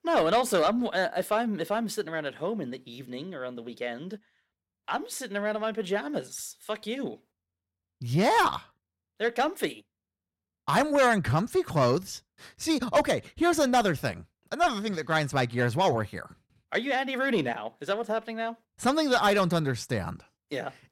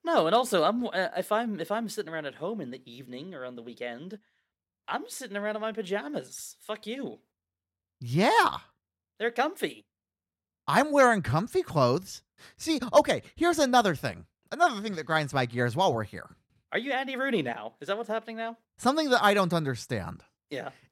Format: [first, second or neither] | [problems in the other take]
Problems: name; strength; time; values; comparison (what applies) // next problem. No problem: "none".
second | distortion; slight; 10 dB below the speech